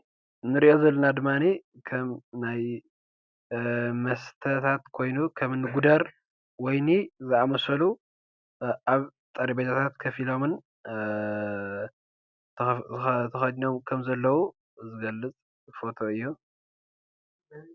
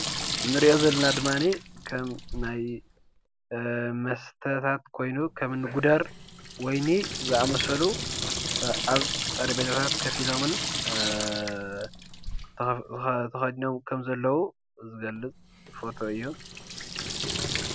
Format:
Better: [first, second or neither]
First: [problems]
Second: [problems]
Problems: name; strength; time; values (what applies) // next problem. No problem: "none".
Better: first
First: none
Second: background sound (Sink (filling or washing) / Water tap, faucet); 5 dB below the speech